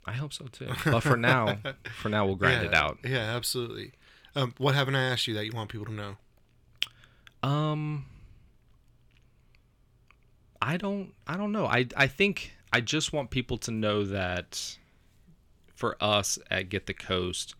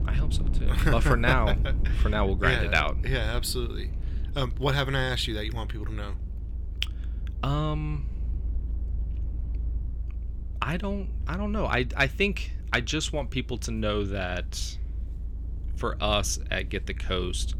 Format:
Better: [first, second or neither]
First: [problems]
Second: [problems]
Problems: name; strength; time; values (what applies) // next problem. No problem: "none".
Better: first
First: none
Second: low rumble; faint; throughout; 20 dB below the speech